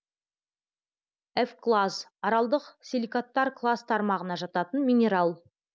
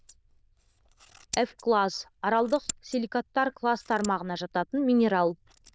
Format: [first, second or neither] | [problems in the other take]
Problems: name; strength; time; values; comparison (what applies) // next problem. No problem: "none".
first | noise reduction (neural diffusion model UNIVERSE++)